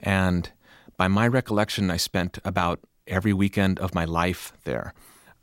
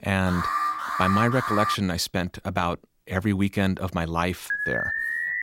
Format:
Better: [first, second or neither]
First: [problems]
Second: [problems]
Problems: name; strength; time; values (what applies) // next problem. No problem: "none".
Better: first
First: none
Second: alarm; loud; until 2 s and at 4.5 s; peak 1 dB above the speech